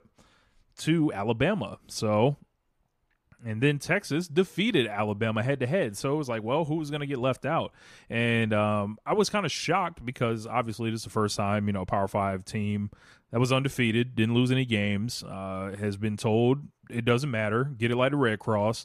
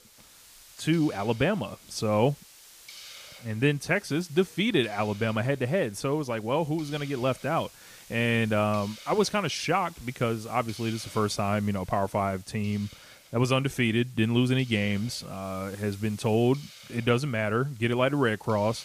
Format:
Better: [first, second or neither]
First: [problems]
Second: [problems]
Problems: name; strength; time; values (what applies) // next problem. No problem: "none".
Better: first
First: none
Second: hiss; faint; throughout; 20 dB below the speech